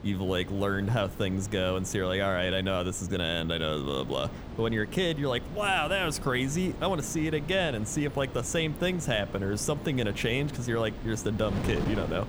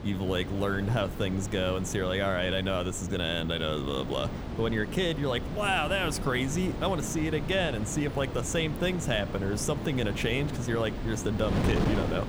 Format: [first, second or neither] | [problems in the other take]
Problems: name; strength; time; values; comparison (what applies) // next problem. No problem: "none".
first | wind noise on the microphone; heavy; 9 dB below the speech; occasional gusts in the first